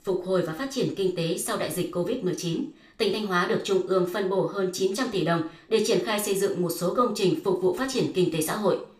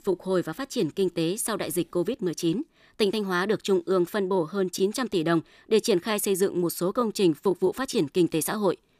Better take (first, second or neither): second